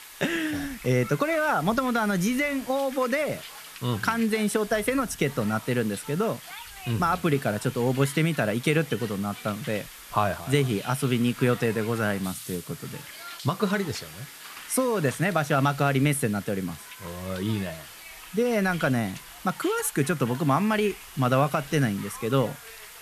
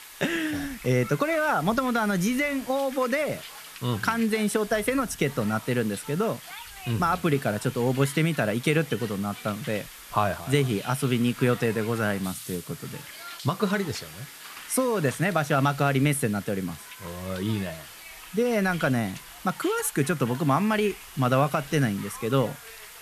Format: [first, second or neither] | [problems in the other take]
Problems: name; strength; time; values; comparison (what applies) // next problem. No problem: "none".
neither | hiss; noticeable; throughout; 15 dB below the speech; the same in both